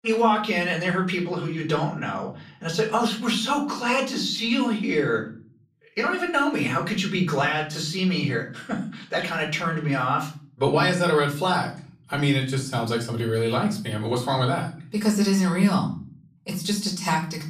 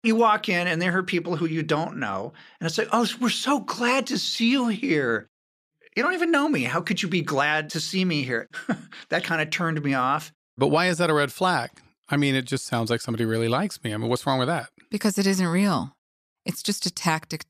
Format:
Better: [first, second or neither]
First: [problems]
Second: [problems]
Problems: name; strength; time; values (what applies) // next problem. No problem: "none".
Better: second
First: off-mic speech; far // room echo; slight; dies away in 0.4 s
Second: none